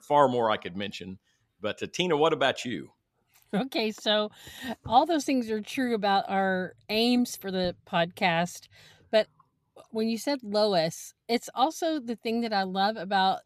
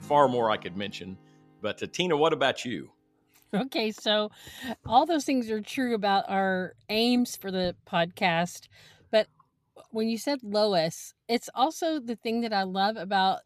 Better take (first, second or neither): first